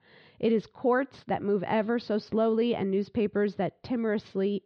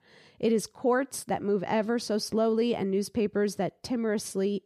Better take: second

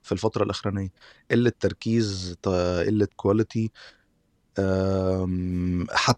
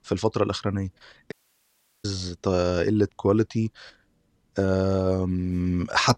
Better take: first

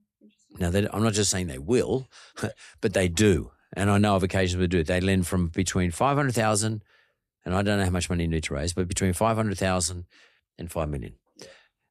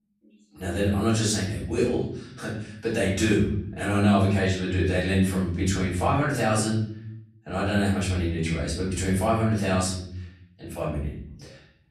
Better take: first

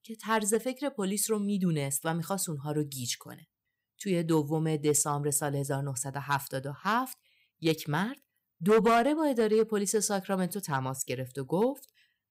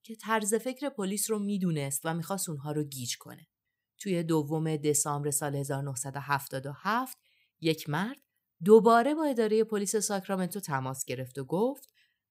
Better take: second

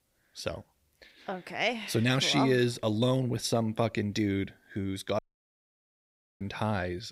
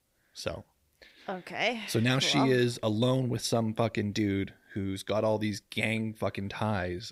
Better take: second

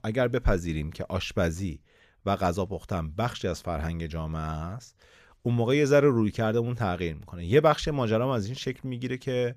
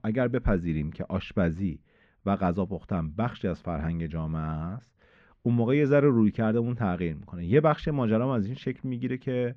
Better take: first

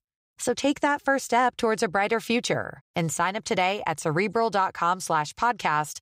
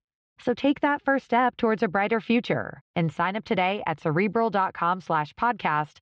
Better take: first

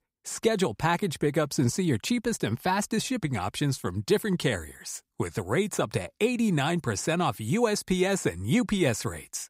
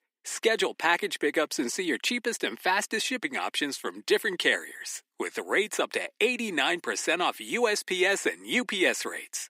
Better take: first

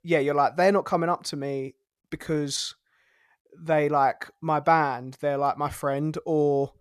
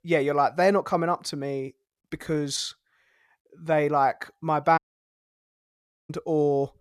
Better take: first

